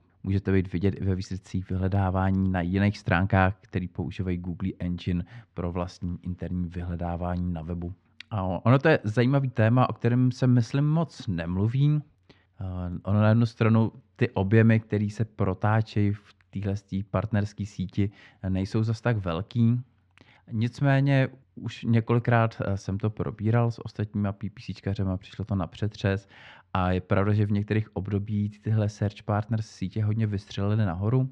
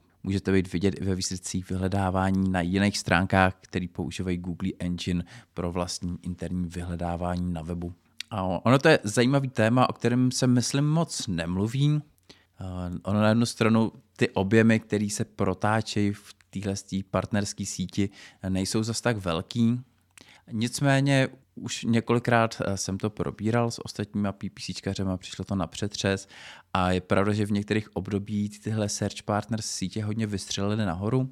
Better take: second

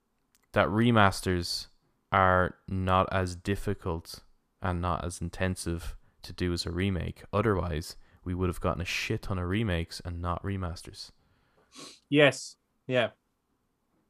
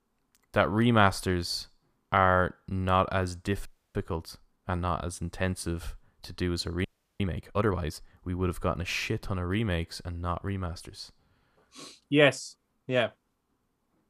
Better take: first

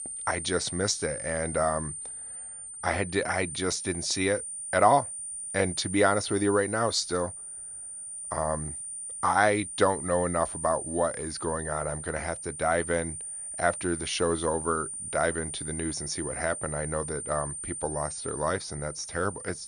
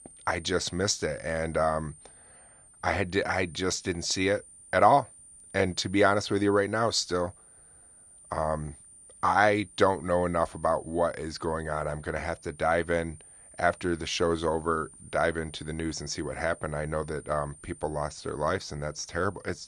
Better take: second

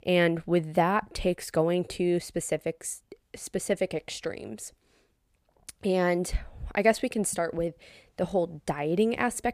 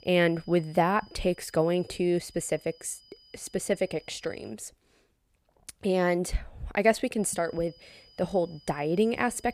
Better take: first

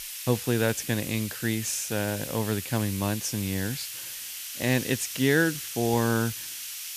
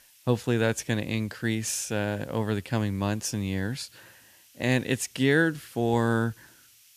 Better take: second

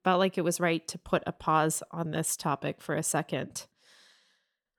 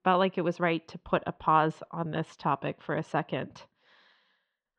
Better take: first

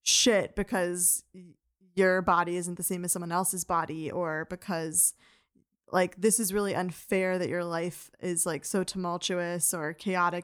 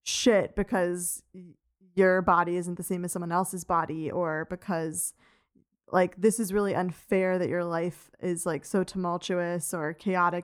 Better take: first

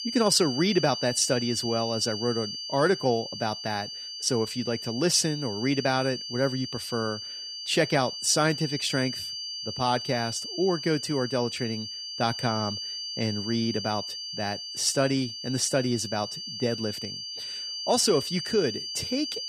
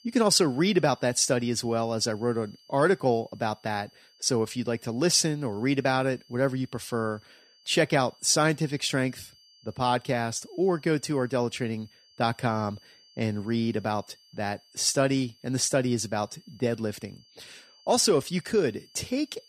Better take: second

